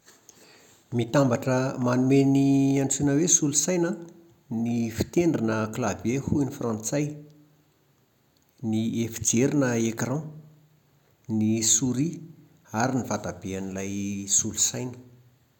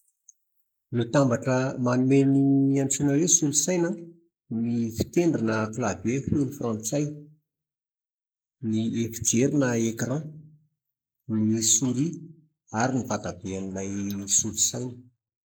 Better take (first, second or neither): first